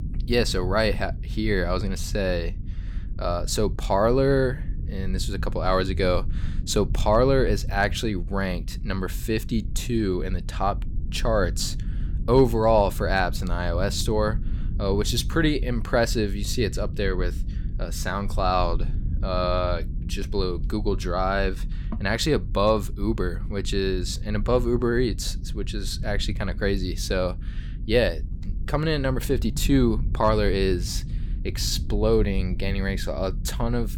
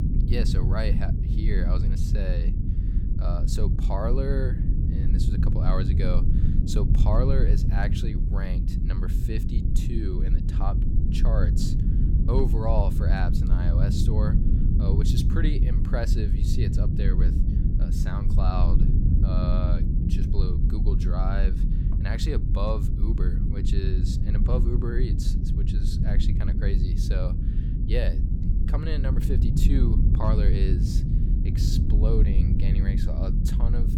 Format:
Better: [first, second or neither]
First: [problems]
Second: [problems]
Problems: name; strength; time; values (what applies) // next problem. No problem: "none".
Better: first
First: low rumble; faint; throughout; 20 dB below the speech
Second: low rumble; loud; throughout; 3 dB below the speech